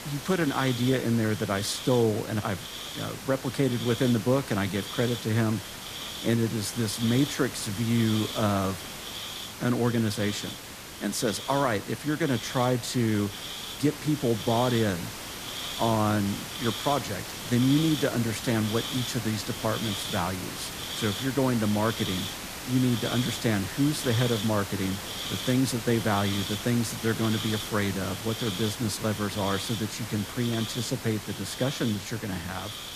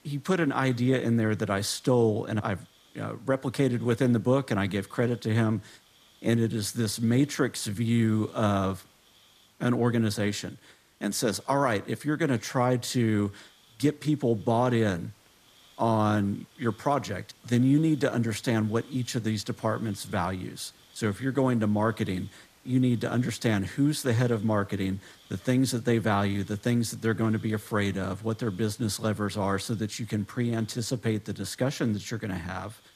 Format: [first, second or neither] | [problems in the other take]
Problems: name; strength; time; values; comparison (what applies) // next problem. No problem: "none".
second | hiss; loud; throughout; 7 dB below the speech; faint in the second